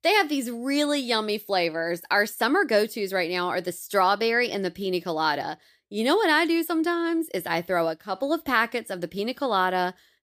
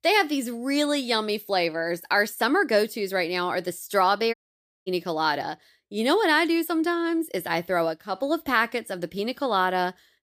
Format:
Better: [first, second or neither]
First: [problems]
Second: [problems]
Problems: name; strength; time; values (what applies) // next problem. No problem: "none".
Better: first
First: none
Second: audio cutting out; at 4.5 s for 0.5 s